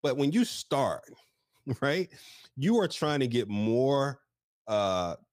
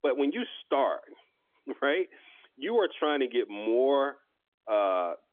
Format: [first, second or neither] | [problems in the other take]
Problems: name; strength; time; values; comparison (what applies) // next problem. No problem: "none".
first | phone-call audio; nothing above 3.5 kHz